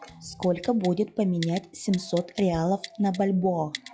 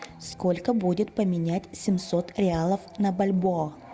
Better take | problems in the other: second | noise reduction (classical method log-MMSE)

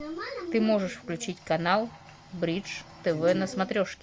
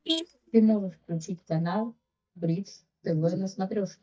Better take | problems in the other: first | noise reduction (neural mask model DeepFilterNet 3)

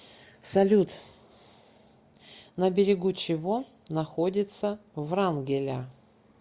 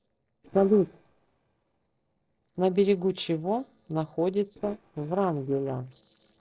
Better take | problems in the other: first | noise reduction (neural separator model SepFormer DNS4)

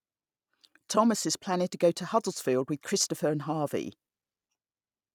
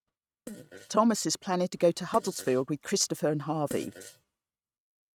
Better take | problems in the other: first | noise reduction (neural mask model RNNoise)

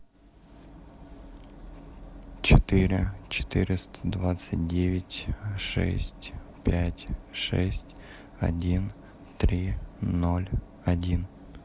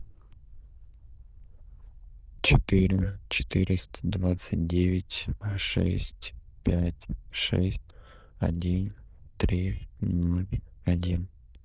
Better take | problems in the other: first | noise reduction (neural diffusion model UNIVERSE++)

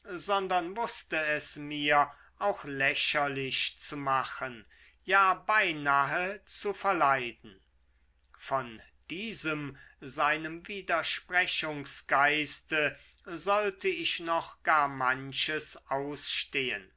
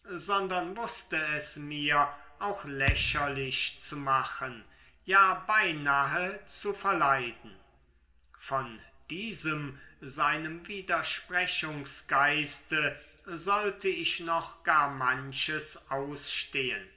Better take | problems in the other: first | background sound (Thump, thud); 4 dB below the speech // room echo; dies away in 1.4 s

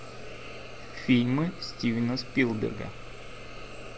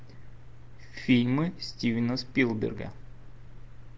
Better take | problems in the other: second | background sound (Hiss); 15 dB below the speech

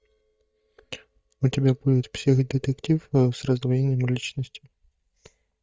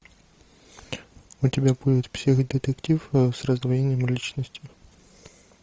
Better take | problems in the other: second | noise reduction (neural mask model DeepFilterNet 3)

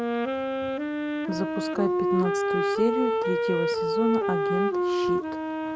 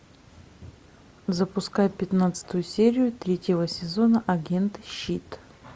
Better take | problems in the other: second | background sound (Wind instrument, woodwind instrument); 5 dB above the speech

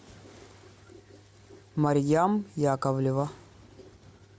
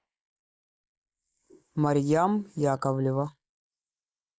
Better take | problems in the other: first | noise reduction (neural mask model Resemble Enhance denoiser)

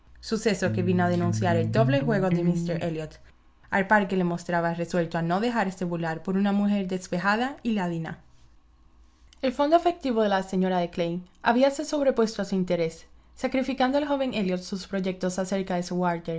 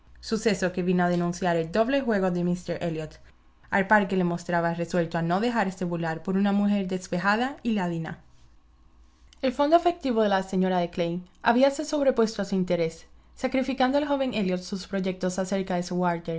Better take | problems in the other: second | background sound (Electric guitar); 2 dB below the speech

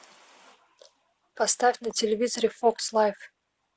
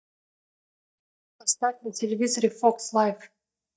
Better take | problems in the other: first | noise reduction (neural mask model DeepFilterNet 3)

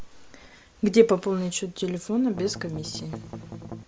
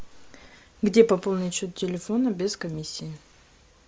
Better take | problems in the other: second | background sound (Strum); 12 dB below the speech

